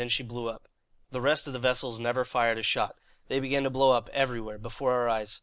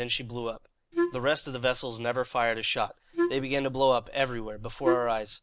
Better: first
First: none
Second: background sound (Wind instrument, woodwind instrument); 1 dB below the speech

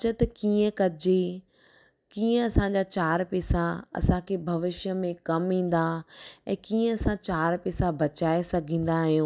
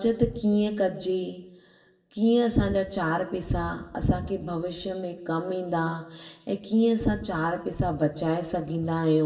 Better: first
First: none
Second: room echo; dies away in 0.8 s

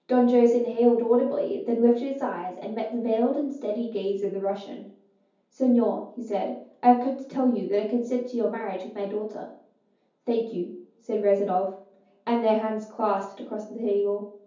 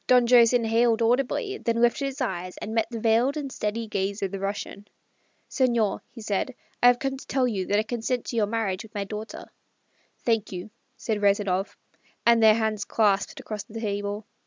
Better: second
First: room echo; dies away in 0.6 s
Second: none

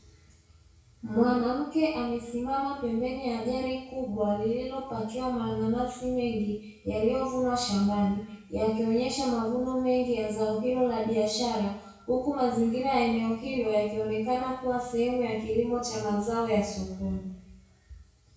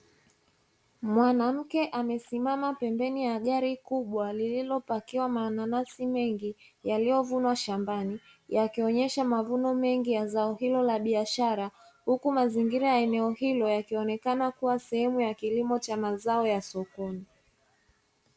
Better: second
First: room echo; dies away in 0.6 s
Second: none

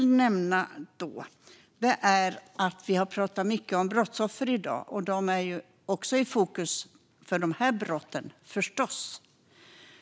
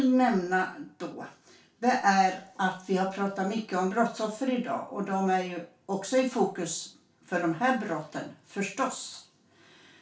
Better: first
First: none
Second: room echo; dies away in 0.3 s

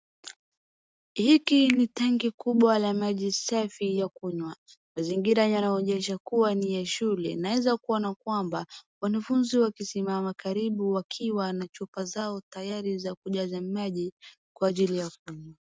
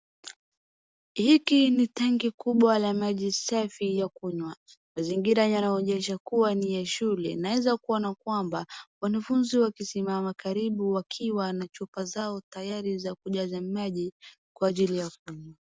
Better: second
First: noise reduction (neural mask model RNNoise)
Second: none

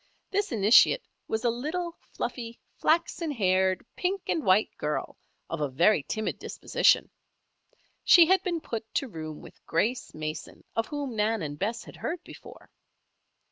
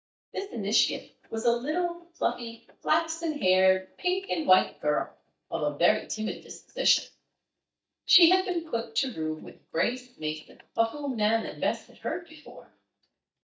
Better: first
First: none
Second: noise reduction (neural mask model DeepFilterNet 3)

